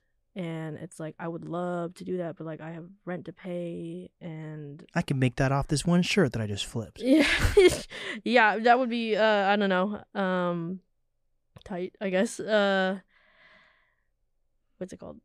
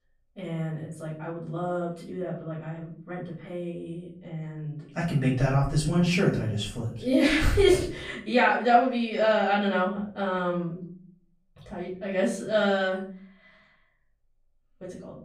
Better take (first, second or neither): first